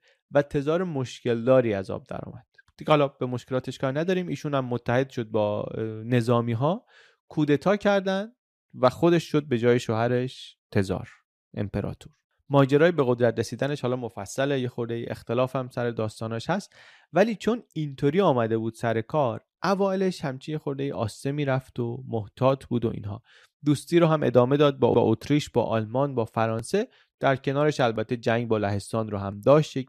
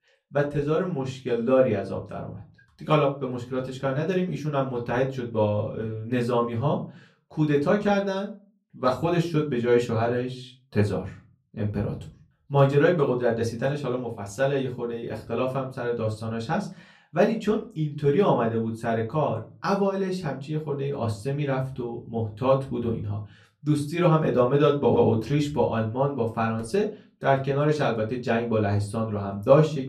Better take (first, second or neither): first